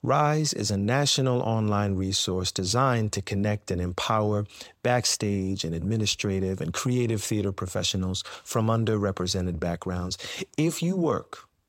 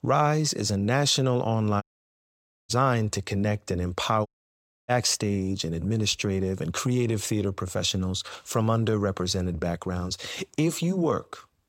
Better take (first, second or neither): first